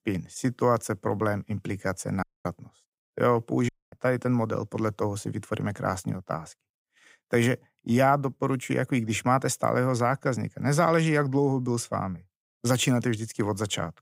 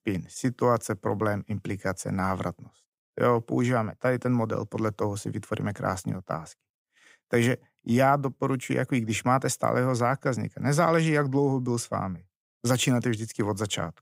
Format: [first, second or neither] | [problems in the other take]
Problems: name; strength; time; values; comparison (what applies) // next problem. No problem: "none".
second | audio cutting out; at 2 s and at 3.5 s